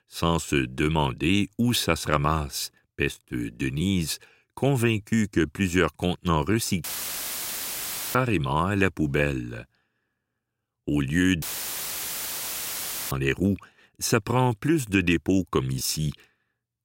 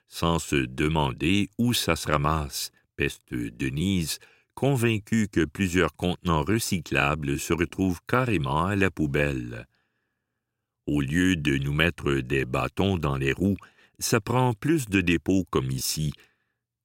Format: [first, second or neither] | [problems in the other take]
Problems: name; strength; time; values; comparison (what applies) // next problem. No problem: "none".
second | audio cutting out; filled with static; at 7 s for 1.5 s and at 11 s for 1.5 s